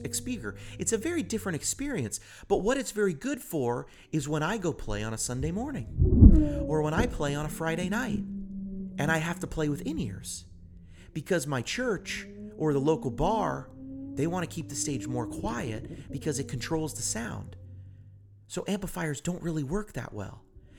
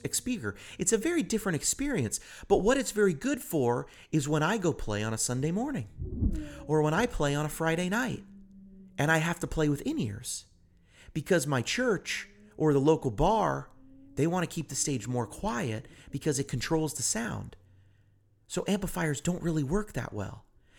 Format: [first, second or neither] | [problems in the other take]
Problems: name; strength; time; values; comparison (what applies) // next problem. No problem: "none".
second | low rumble; loud; throughout; 6 dB below the speech; faint in the second